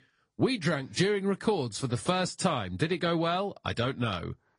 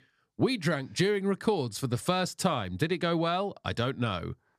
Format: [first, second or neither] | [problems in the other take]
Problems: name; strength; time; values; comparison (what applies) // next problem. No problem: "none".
second | garbled, watery; slightly; nothing above 10 kHz